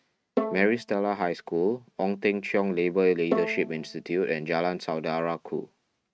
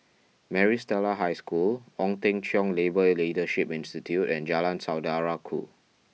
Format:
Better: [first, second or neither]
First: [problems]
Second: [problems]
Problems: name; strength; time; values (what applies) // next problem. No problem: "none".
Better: second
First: noise reduction (neural mask model RNNoise)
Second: none